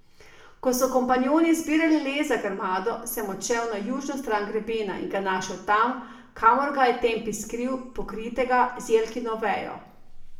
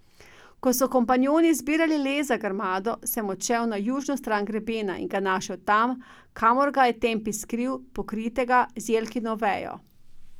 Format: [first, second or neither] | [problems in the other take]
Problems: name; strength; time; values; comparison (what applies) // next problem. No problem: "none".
second | room echo; dies away in 0.6 s